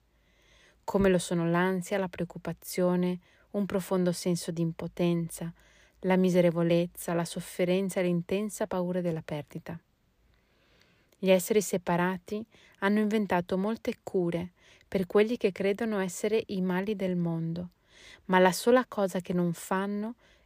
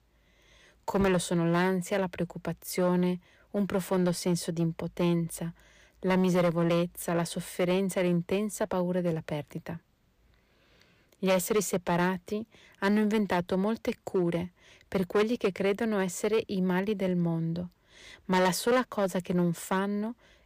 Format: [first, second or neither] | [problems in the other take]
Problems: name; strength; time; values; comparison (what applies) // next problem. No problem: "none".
first | distortion; slight; 5% of the sound clipped